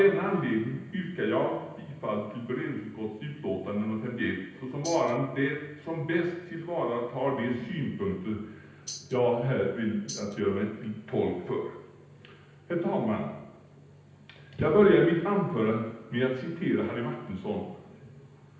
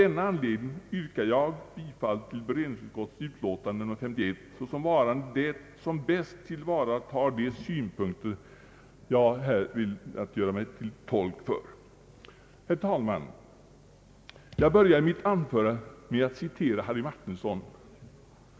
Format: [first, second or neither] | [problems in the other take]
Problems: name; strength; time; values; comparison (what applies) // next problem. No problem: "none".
second | background sound (Tambourine); 12 dB below the speech // room echo; dies away in 0.9 s